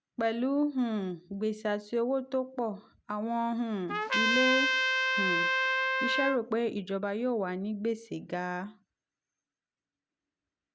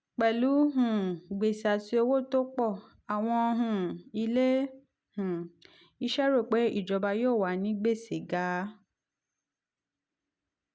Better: second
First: background sound (Trumpet); 4 dB above the speech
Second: none

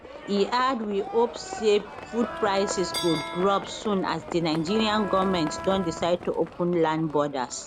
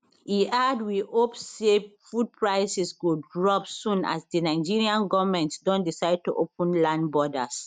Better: second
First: background sound (Wind instrument, woodwind instrument + Livestock, farm animals, working animals); 10 dB below the speech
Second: none

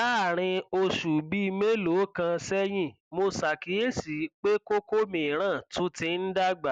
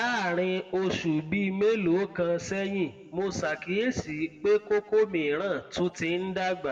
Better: first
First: none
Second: room echo; dies away in 1.1 s

